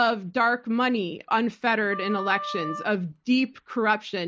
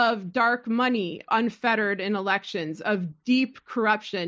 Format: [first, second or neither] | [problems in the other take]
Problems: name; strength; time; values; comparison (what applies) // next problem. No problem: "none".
second | background sound (Wind instrument, woodwind instrument); 11 dB below the speech